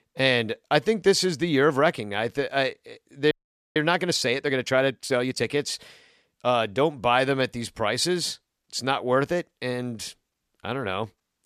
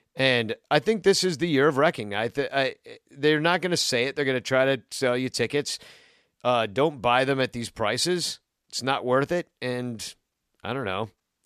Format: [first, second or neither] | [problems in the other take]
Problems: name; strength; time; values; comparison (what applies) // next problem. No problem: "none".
second | audio freezing; at 3.5 s